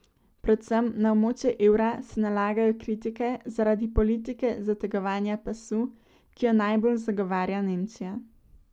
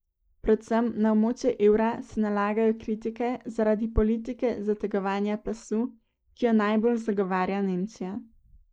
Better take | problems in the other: first | noise reduction (neural mask model Resemble Enhance denoiser)

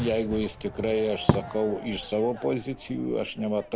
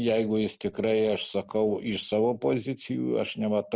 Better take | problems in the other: second | background sound (Fireworks); 6 dB below the speech

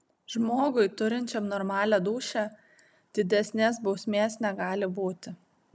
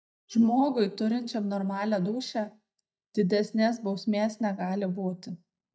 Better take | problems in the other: first | noise reduction (neural mask model DeepFilterNet 3)

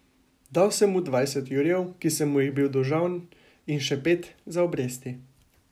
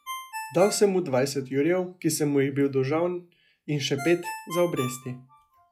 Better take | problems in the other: first | noise reduction (classical method log-MMSE)

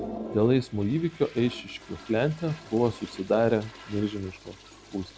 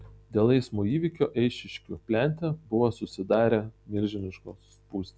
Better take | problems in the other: second | background sound (Toilet flush); 16 dB below the speech

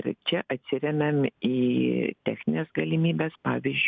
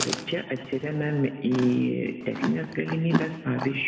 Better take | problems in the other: first | background sound (Chewing, mastication); 7 dB below the speech // room echo; dies away in 1.6 s

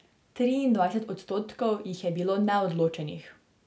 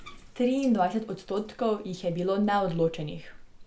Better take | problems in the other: first | background sound (Bathtub (filling or washing)); 19 dB below the speech

